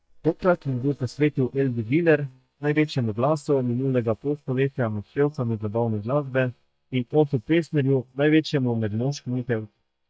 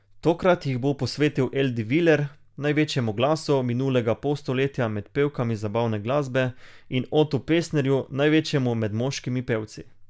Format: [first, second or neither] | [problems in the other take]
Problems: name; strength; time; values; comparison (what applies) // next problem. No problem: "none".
second | noise reduction (neural mask model DeepFilterNet 3)